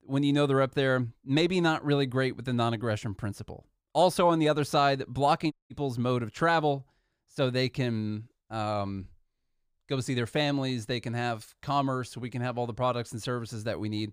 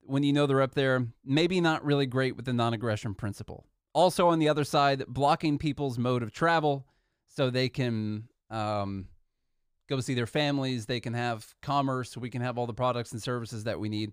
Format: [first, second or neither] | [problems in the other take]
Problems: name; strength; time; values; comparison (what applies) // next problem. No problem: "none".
second | audio cutting out; at 5.5 s